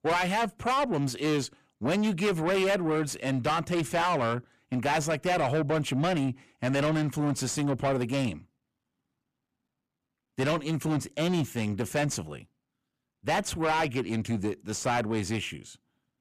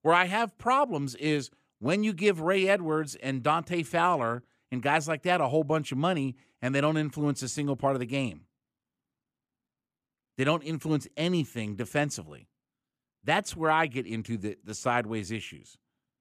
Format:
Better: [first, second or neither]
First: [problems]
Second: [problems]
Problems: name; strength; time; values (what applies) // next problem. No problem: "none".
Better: second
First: distortion; heavy; 6 dB below the speech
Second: none